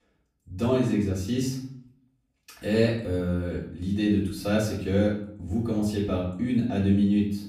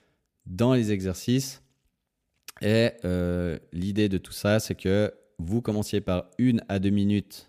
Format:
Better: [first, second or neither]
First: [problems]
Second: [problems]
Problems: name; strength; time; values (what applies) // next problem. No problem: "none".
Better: second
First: off-mic speech; far // room echo; noticeable; dies away in 0.6 s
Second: none